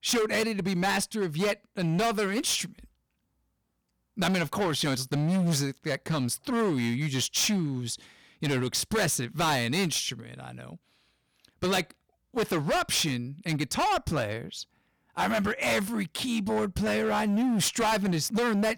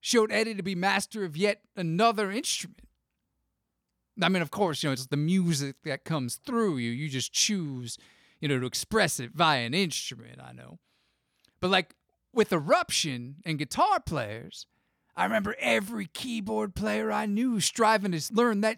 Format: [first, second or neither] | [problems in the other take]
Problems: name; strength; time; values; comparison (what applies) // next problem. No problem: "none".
second | distortion; heavy; 16% of the sound clipped